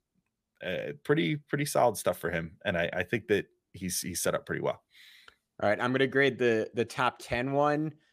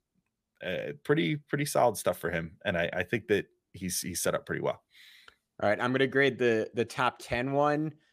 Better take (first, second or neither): neither